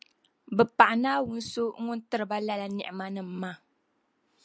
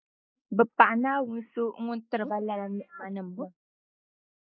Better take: first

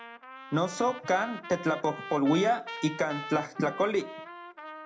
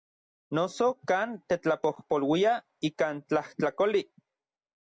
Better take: second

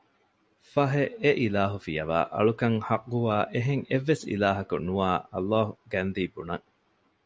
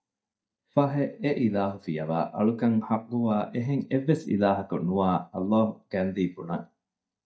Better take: first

